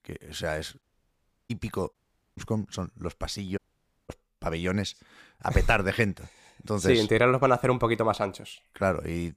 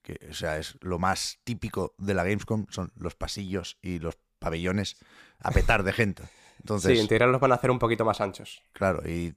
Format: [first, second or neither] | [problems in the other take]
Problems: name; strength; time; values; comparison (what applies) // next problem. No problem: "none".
second | audio cutting out; at 1 s for 0.5 s, at 2 s and at 3.5 s for 0.5 s